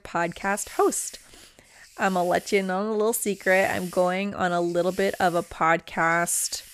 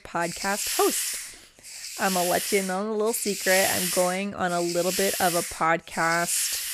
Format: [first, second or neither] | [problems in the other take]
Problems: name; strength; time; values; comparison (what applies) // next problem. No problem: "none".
first | hiss; loud; throughout; 3 dB below the speech; faint in the first